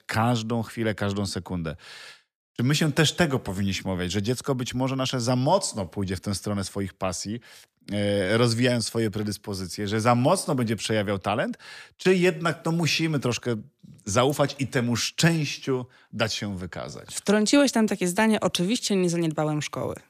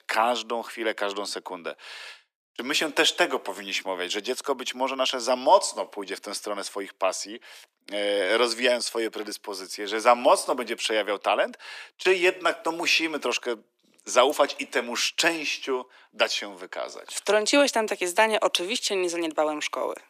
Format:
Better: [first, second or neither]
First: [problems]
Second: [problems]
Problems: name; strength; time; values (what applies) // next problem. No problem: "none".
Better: first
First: none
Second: thin; very; fading below 300 Hz